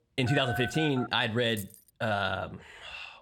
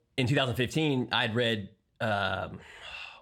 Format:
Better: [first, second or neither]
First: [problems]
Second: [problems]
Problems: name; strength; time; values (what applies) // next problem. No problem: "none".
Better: second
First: phone ringing; noticeable; at 0.5 s; peak 6 dB below the speech // jangling keys; faint; at 1.5 s; peak 15 dB below the speech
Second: none